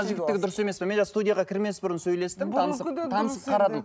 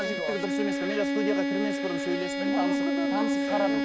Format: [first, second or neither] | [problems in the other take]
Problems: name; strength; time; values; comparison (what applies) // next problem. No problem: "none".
first | background sound (Bowed string instrument); 4 dB above the speech